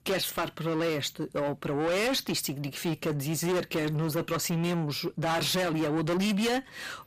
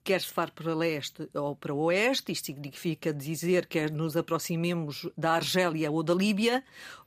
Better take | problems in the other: second | distortion; heavy; 6 dB below the speech

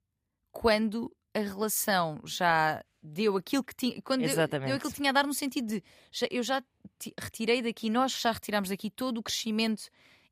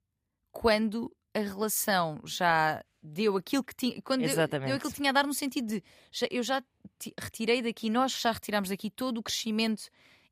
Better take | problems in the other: neither | none

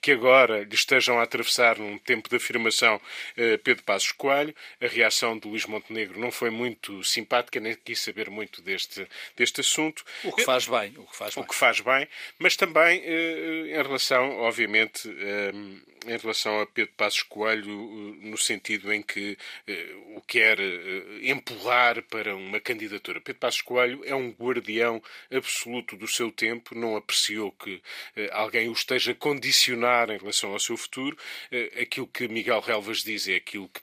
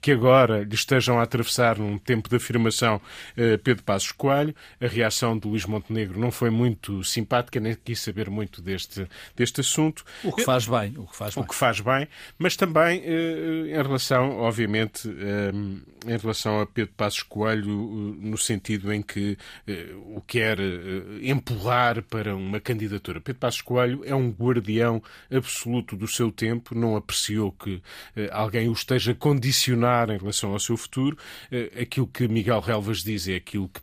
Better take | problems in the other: second | thin; somewhat; fading below 400 Hz

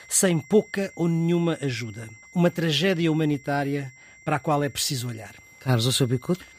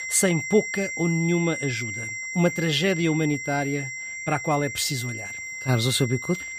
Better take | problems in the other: first | high-pitched whine; loud; throughout; 2 kHz, 6 dB below the speech; faint in the first

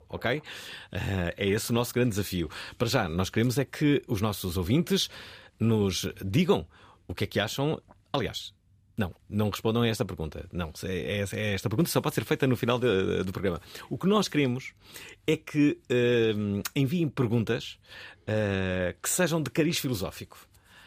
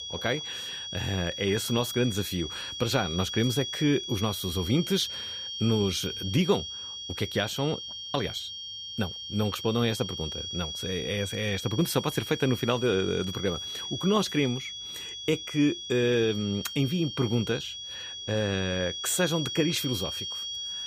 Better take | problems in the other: first | high-pitched whine; loud; throughout; 3.5 kHz, 6 dB below the speech

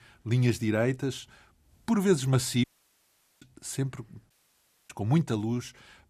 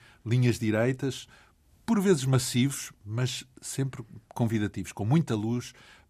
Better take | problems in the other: second | audio cutting out; at 2.5 s for 1 s and at 4.5 s for 0.5 s

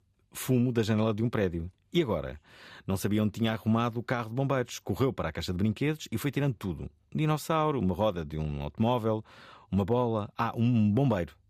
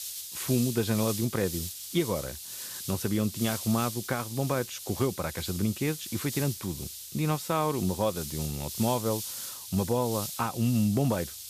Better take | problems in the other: first | hiss; loud; throughout; 7 dB below the speech

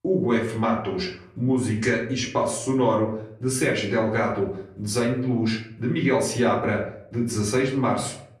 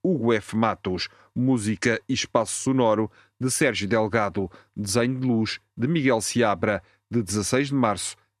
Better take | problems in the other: second | off-mic speech; far // room echo; slight; dies away in 0.5 s

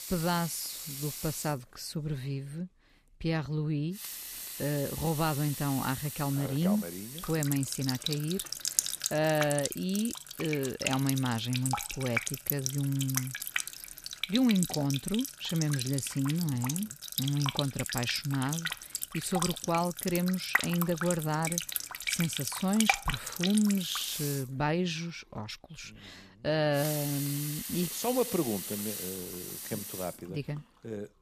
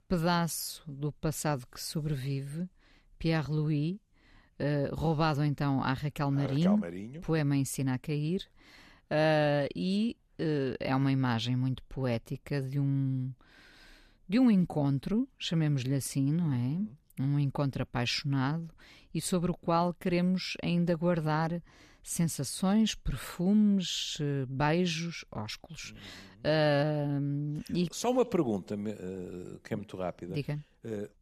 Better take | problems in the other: second | household noises; loud; throughout; 3 dB below the speech

